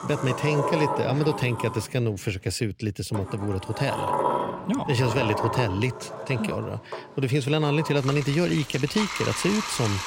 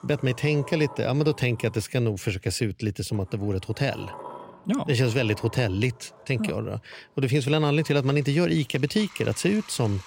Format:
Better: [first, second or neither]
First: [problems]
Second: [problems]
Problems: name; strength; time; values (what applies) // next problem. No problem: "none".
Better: second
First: household noises; loud; throughout; 5 dB below the speech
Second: household noises; faint; throughout; 20 dB below the speech